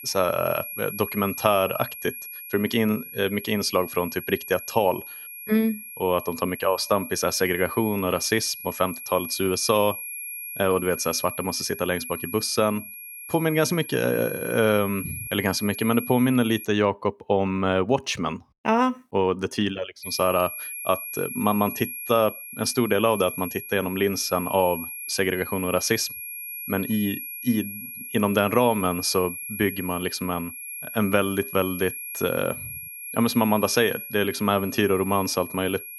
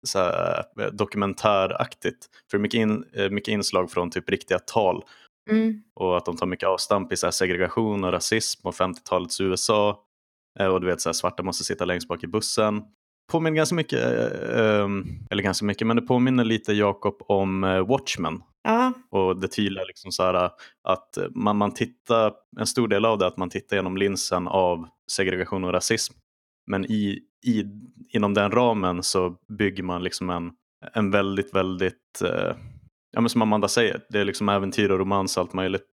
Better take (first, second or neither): second